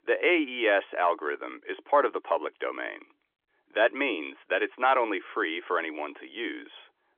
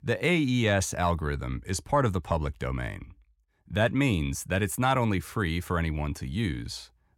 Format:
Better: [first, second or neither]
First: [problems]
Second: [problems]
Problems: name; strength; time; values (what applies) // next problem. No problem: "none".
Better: second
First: phone-call audio; nothing above 3.5 kHz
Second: none